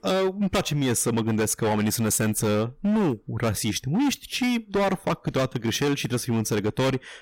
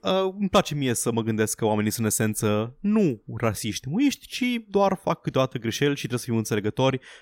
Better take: second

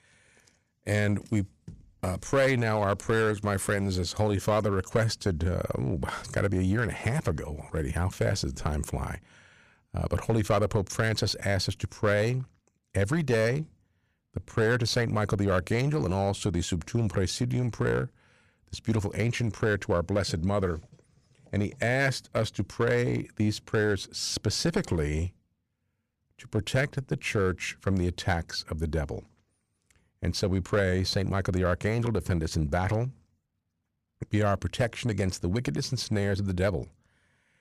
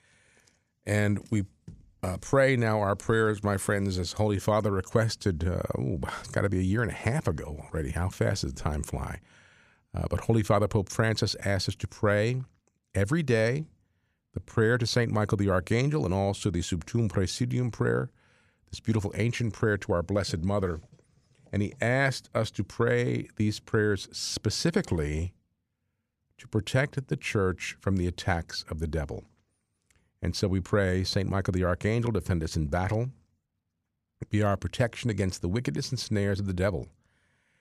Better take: second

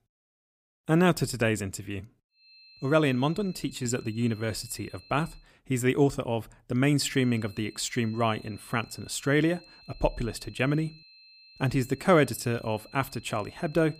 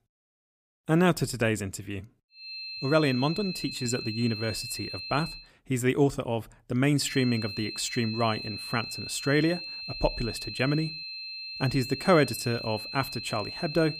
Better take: first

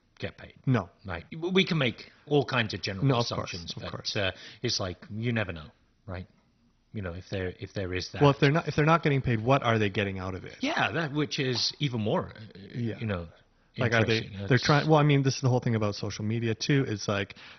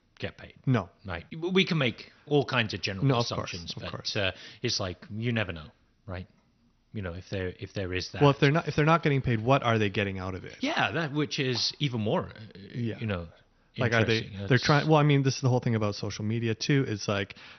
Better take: second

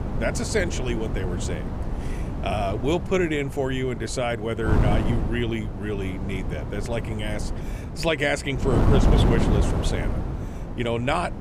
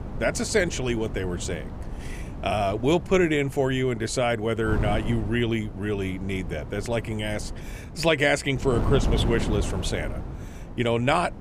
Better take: second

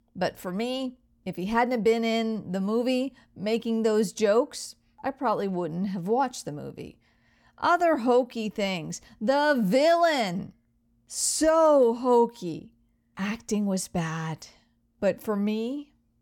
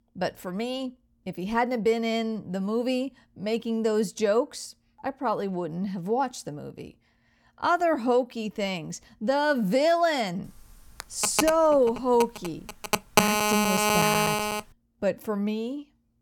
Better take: first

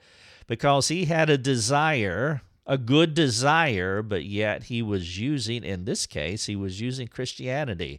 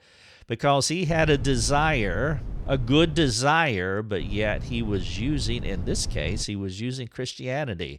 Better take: first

